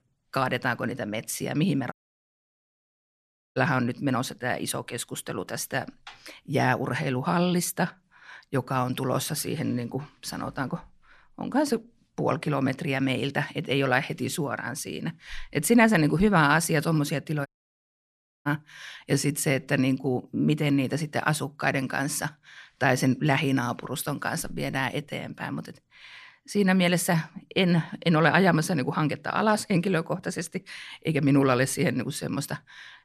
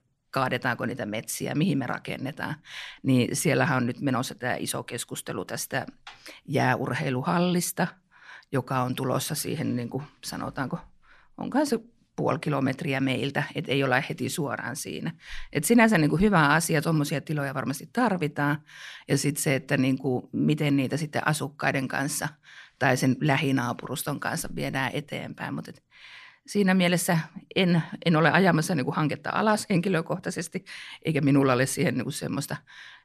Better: second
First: audio cutting out; at 2 s for 1.5 s and at 17 s for 1 s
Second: none

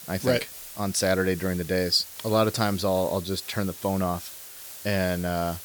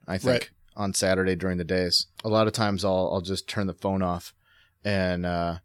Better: second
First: hiss; noticeable; throughout; 10 dB below the speech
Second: none

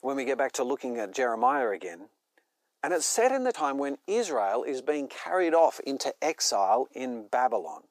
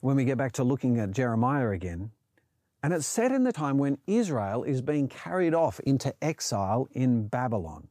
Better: second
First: thin; very; fading below 350 Hz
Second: none

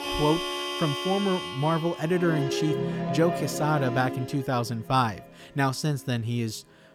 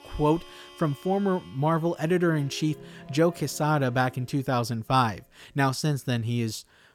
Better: second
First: background music; loud; throughout; 4 dB below the speech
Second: background music; faint; throughout; 20 dB below the speech

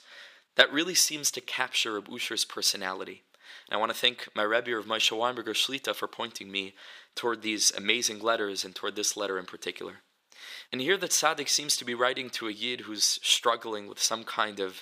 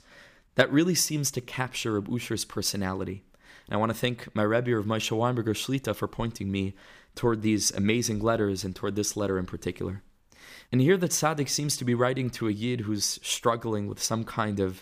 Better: second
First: thin; somewhat; fading below 450 Hz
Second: none

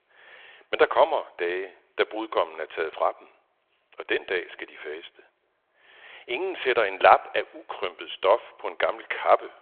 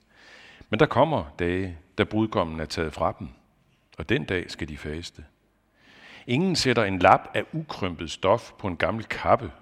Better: second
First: phone-call audio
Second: none

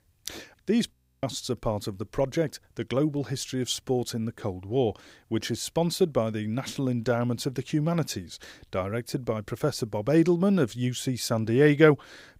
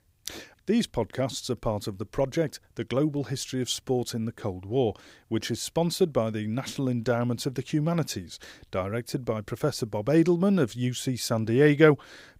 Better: second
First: audio freezing; at 1 s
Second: none

